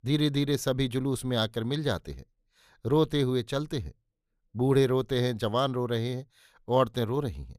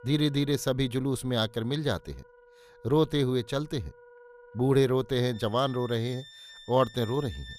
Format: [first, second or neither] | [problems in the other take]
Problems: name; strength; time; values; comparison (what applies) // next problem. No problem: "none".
first | background music; faint; throughout; 20 dB below the speech